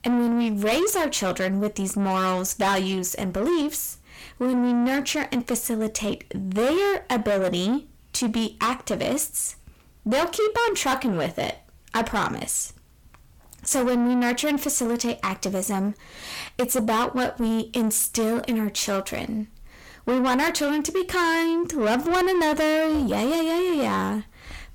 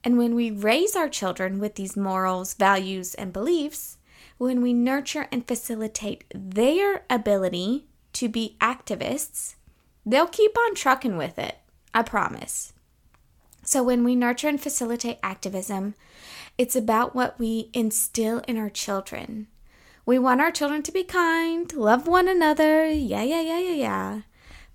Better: second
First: distortion; heavy; 7 dB below the speech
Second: none

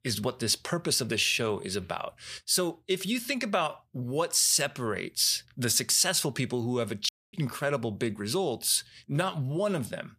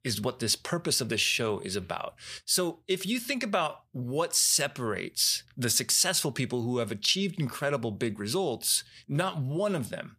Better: second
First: audio cutting out; at 7 s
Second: none

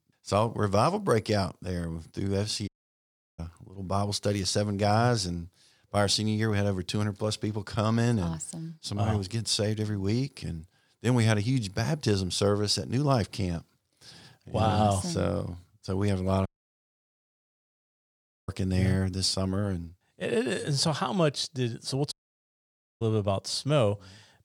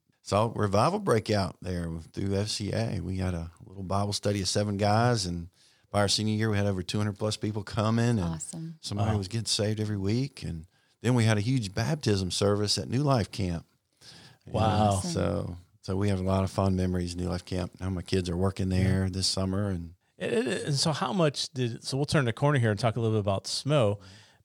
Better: second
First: audio cutting out; at 2.5 s for 0.5 s, at 16 s for 2 s and at 22 s for 1 s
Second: none

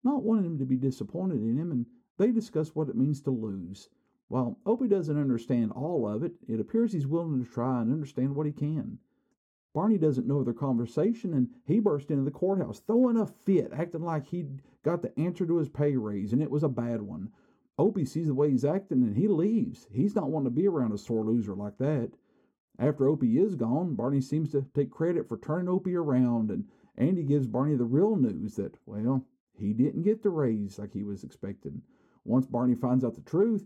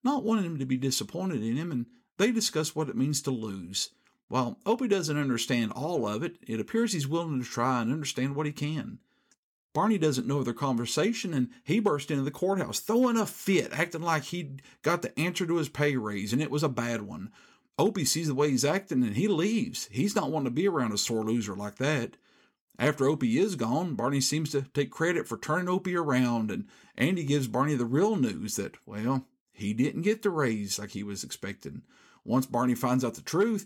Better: second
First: muffled; very; fading above 1 kHz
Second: none

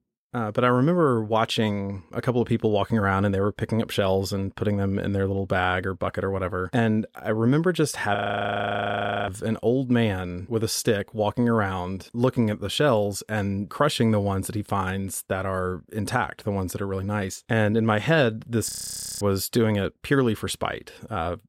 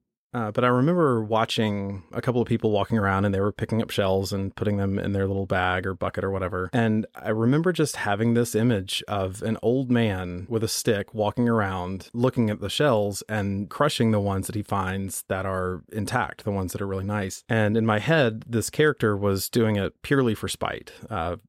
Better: second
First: audio freezing; at 8 s for 1 s and at 19 s for 0.5 s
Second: none

